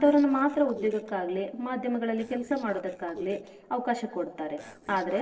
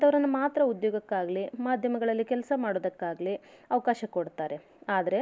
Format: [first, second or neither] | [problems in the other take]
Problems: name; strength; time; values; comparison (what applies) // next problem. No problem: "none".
second | noise reduction (neural separator model SepFormer DNS4)